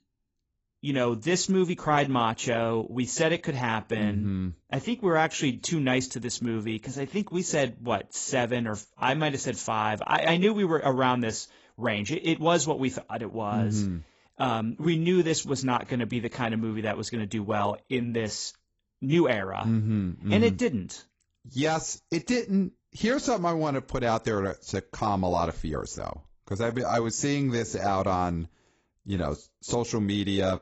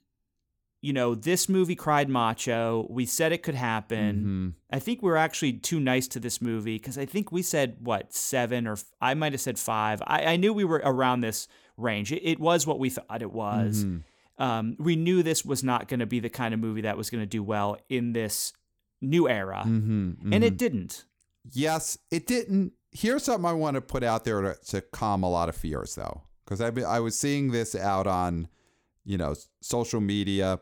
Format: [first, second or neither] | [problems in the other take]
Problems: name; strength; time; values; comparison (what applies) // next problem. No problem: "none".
second | garbled, watery; badly; nothing above 7.5 kHz